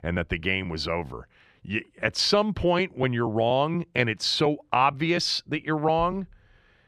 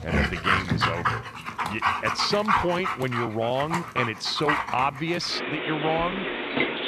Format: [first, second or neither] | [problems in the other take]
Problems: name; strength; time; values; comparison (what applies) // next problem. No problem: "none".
first | animal sounds; very loud; throughout; as loud as the speech